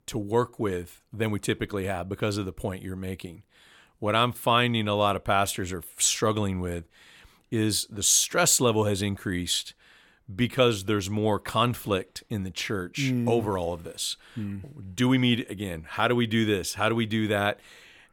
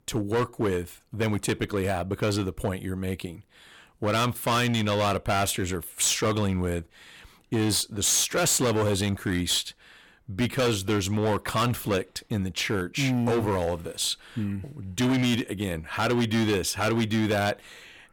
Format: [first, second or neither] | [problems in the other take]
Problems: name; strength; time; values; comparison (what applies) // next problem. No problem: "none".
first | distortion; heavy; 13% of the sound clipped